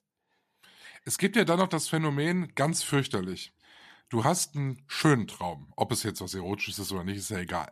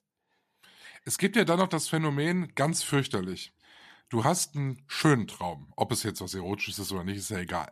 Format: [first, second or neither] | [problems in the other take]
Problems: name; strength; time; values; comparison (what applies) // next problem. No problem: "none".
neither | none